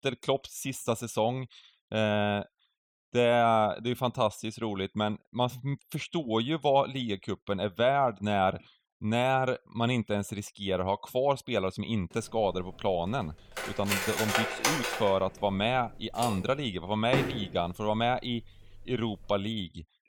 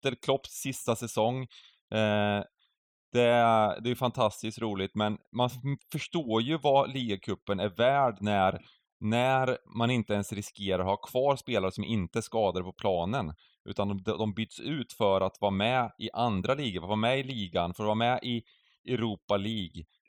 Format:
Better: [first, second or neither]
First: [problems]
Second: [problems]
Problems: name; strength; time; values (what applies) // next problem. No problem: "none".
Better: second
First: clattering dishes; loud; from 13 to 19 s; peak 3 dB above the speech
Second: none